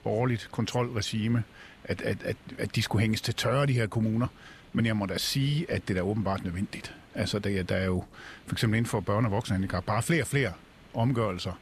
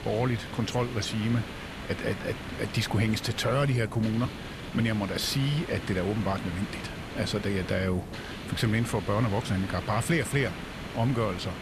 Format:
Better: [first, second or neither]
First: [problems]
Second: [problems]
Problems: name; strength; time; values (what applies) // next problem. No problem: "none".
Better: first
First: hiss; faint; throughout; 25 dB below the speech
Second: hiss; loud; throughout; 9 dB below the speech